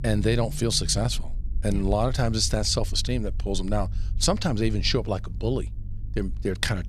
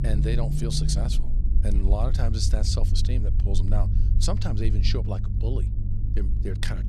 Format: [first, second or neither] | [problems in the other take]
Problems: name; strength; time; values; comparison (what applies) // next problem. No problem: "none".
first | low rumble; loud; throughout; 7 dB below the speech; faint in the first